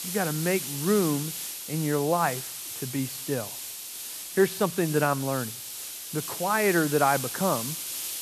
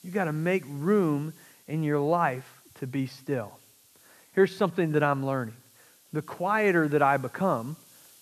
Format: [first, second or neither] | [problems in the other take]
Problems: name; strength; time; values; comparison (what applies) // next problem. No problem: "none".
second | hiss; loud; throughout; 6 dB below the speech; faint in the second